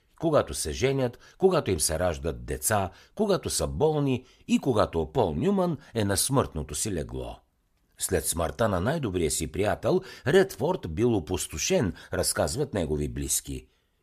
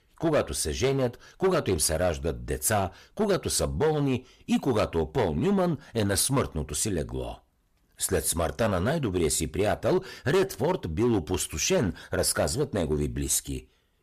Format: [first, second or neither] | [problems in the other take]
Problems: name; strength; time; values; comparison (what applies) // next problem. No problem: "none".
first | distortion; slight; 6% of the sound clipped